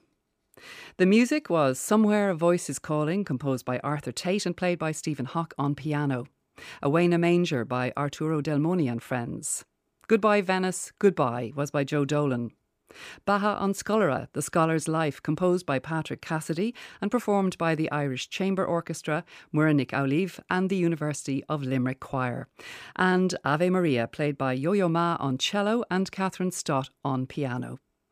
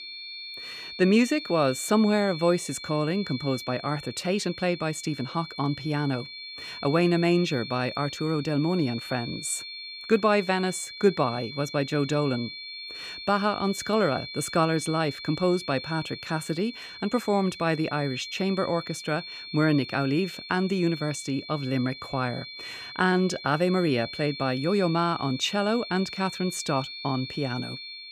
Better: first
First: none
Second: high-pitched whine; noticeable; throughout; 4.5 kHz, 10 dB below the speech

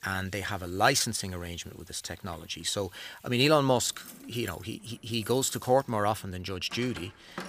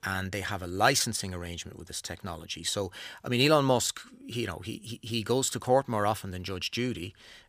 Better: second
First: household noises; faint; throughout; 20 dB below the speech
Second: none

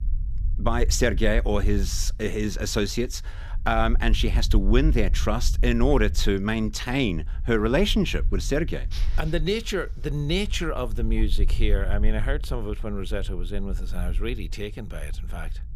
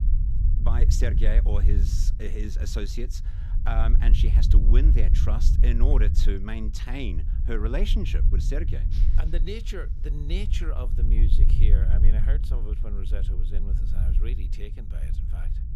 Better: first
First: low rumble; faint; throughout; 25 dB below the speech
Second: low rumble; loud; throughout; 7 dB below the speech

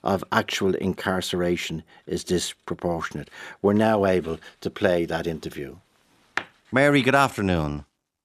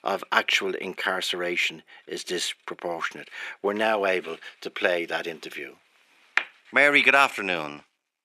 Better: first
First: none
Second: thin; somewhat; fading below 350 Hz

